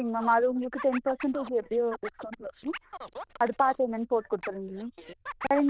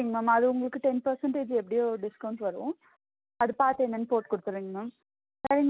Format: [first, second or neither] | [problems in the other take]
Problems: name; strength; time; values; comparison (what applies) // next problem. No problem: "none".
second | noise reduction (neural diffusion model UNIVERSE++)